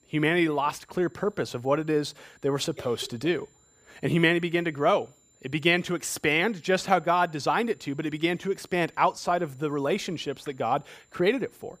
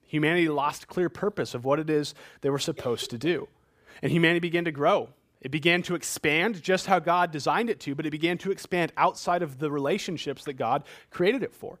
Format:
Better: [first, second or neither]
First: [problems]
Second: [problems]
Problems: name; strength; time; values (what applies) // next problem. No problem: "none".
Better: second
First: high-pitched whine; faint; throughout; 7 kHz, 35 dB below the speech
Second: none